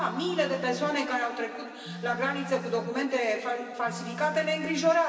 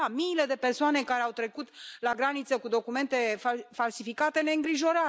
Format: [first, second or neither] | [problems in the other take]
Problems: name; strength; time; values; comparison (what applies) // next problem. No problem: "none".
second | background sound (Telephone); 13 dB below the speech // room echo; dies away in 2.6 s